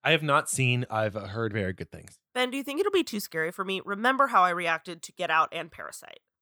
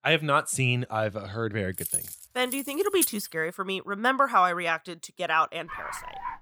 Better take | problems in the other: first | jangling keys; noticeable; from 2 to 3 s; peak 1 dB below the speech // dog barking; faint; at 5.5 s; peak 10 dB below the speech

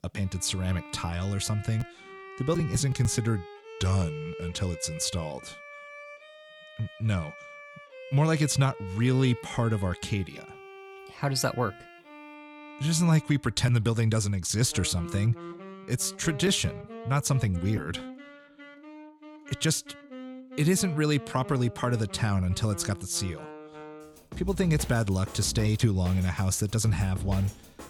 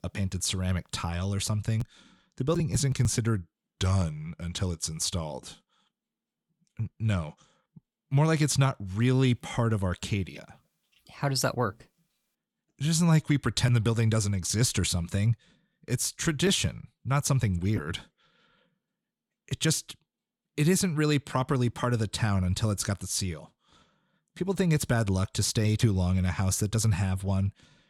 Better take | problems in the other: second | background music; noticeable; throughout; 15 dB below the speech

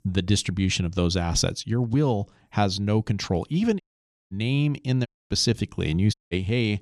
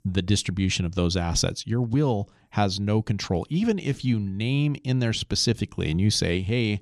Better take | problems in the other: second | audio cutting out; at 4 s for 0.5 s, at 5 s and at 6 s

